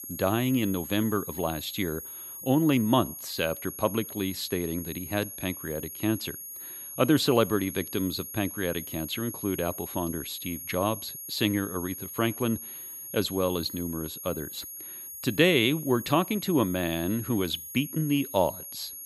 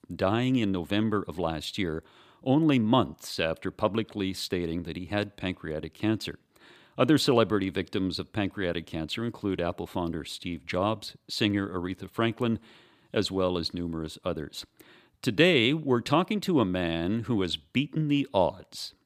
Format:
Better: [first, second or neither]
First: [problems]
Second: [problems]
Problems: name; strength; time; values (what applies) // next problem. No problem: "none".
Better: second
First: high-pitched whine; loud; throughout; 11.5 kHz, 9 dB below the speech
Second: none